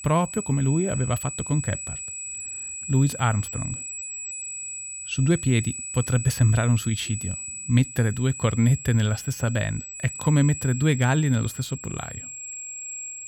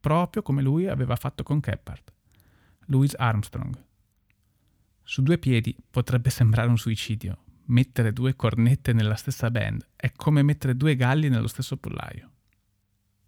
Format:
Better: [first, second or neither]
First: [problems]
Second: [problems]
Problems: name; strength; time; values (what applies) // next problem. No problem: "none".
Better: second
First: high-pitched whine; loud; throughout; 8 kHz, 9 dB below the speech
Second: none